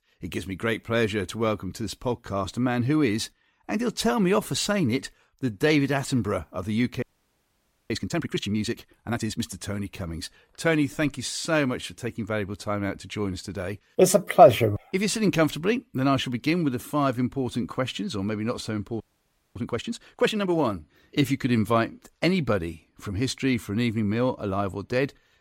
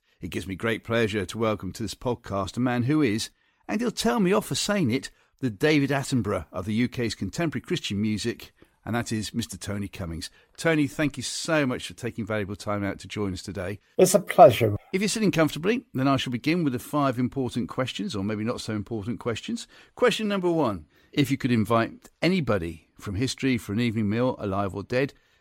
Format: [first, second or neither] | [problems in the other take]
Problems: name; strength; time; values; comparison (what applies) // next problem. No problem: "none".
second | audio freezing; at 7 s for 1 s and at 19 s for 0.5 s